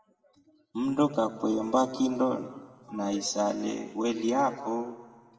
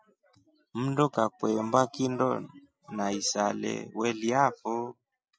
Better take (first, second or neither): second